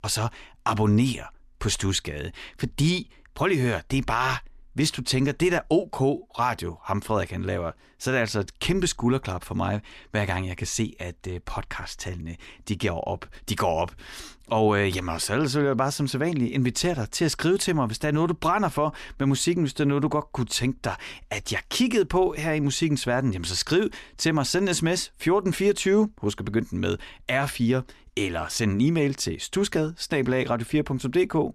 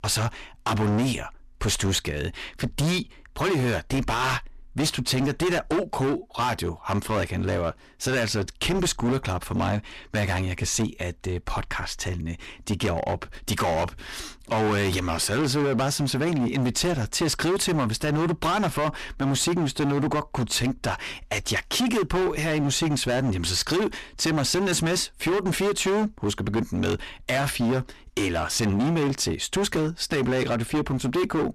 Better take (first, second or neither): first